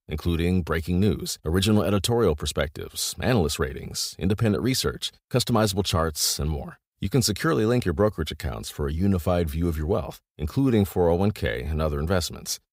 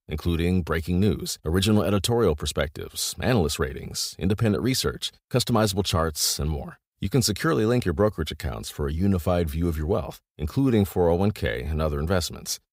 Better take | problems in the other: neither | none

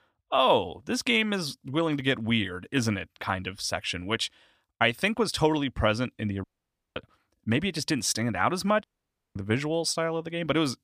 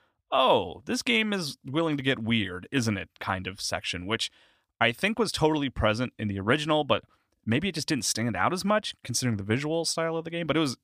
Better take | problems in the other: second | audio cutting out; at 6.5 s for 0.5 s and at 9 s for 0.5 s

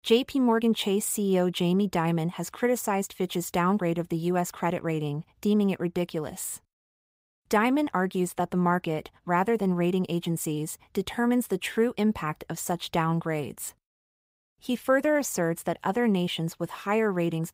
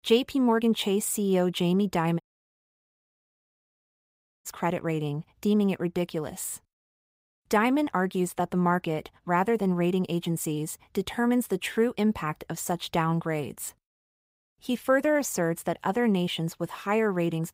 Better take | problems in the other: first | audio cutting out; at 2 s for 2 s

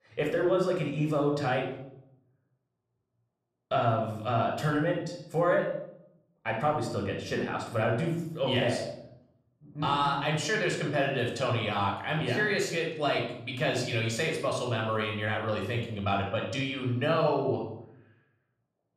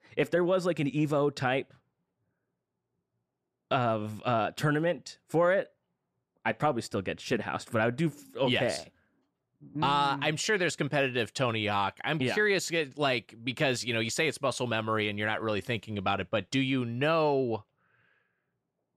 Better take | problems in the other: second | off-mic speech; somewhat distant // room echo; noticeable; dies away in 0.7 s

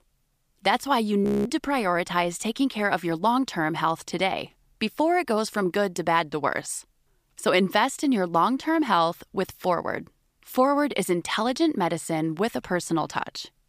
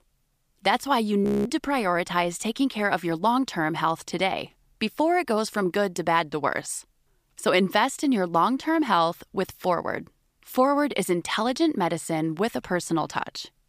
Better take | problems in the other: neither | audio freezing; at 1.5 s; the same in both

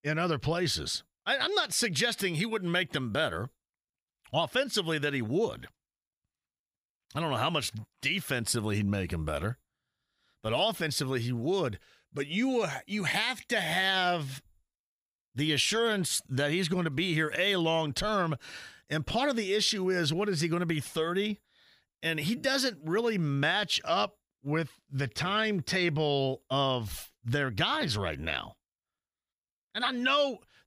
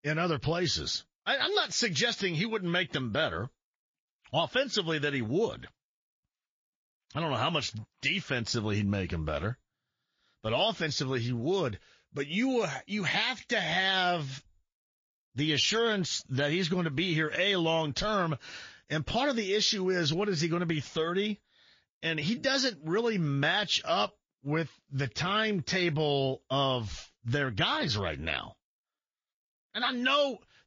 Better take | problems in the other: first | garbled, watery; slightly

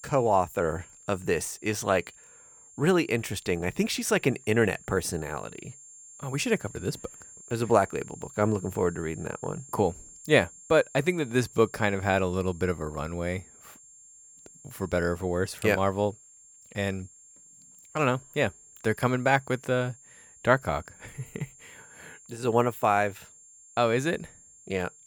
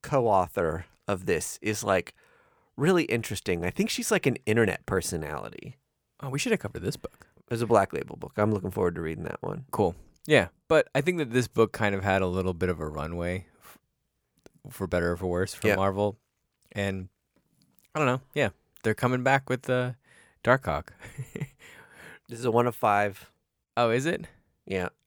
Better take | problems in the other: second | high-pitched whine; faint; throughout; 7.5 kHz, 20 dB below the speech

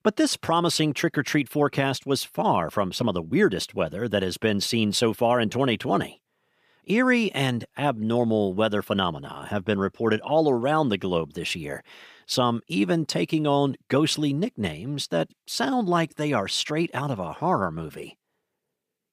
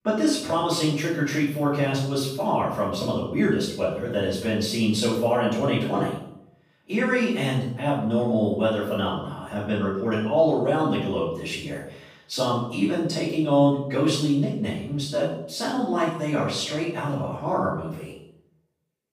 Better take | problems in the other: first | off-mic speech; far // room echo; noticeable; dies away in 0.6 s

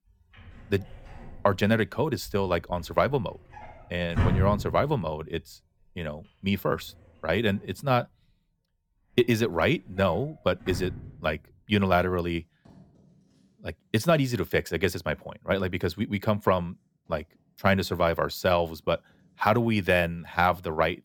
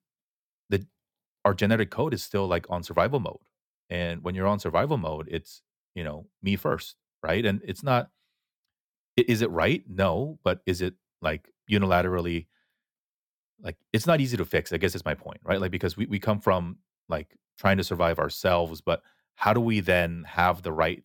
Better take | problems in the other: second | household noises; loud; throughout; 8 dB below the speech

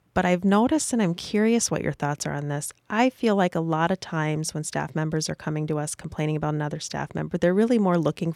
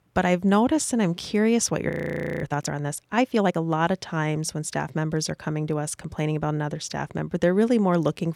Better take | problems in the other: first | audio freezing; at 2 s for 0.5 s

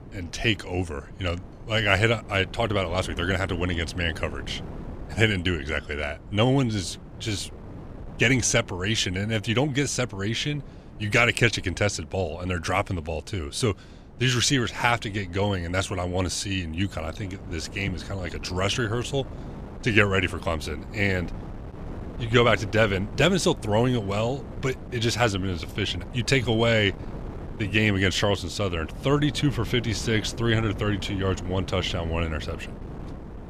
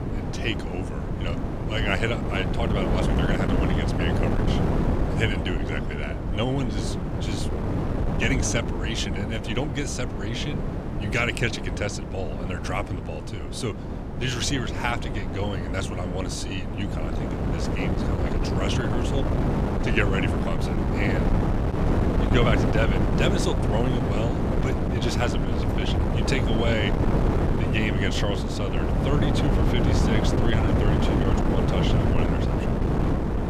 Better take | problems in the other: first | wind noise on the microphone; heavy; 1 dB below the speech; occasional gusts in the first

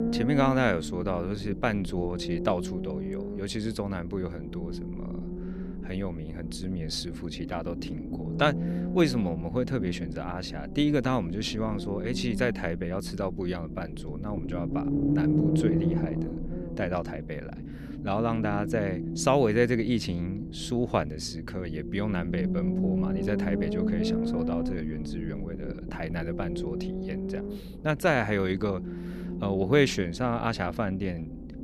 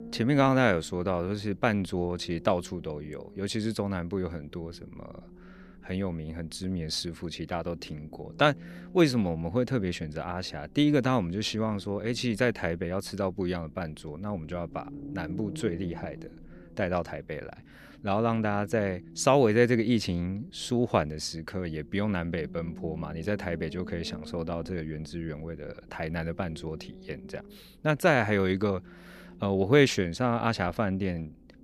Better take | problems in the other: second | low rumble; loud; throughout; 8 dB below the speech; faint in the second

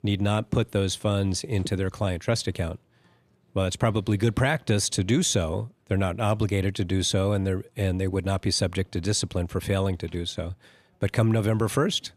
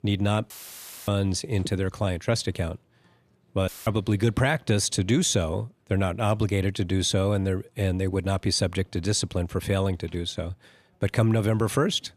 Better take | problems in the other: first | audio cutting out; filled with static; at 0.5 s for 0.5 s and at 3.5 s

